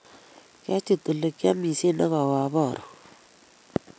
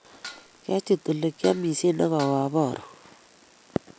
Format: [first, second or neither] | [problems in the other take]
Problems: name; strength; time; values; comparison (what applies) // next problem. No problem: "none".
first | background sound (Dishes, pots, and pans); 19 dB below the speech